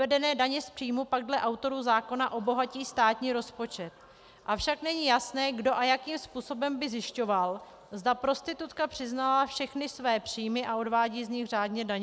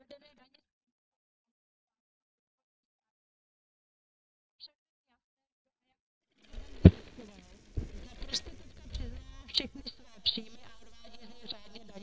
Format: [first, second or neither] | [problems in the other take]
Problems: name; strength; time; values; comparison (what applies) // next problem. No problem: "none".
first | noise reduction (neural mask model DeepFilterNet 3)